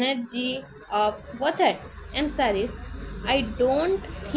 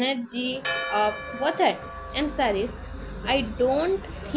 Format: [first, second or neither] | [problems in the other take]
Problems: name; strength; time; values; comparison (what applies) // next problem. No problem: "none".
first | background sound (Church bell); 10 dB below the speech